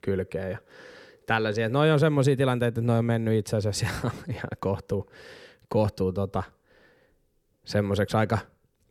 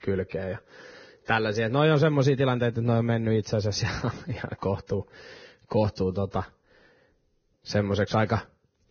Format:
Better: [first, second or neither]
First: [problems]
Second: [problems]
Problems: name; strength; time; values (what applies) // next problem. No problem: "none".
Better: first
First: none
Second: garbled, watery; badly; nothing above 6.5 kHz